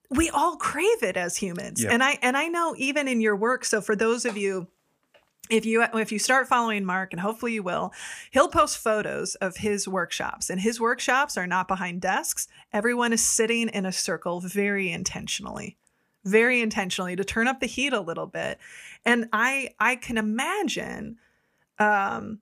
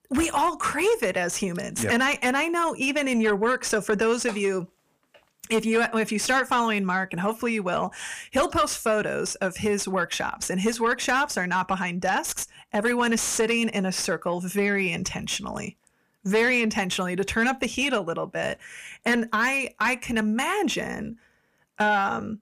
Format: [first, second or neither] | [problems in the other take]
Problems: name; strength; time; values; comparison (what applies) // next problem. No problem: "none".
first | distortion; slight; 10 dB below the speech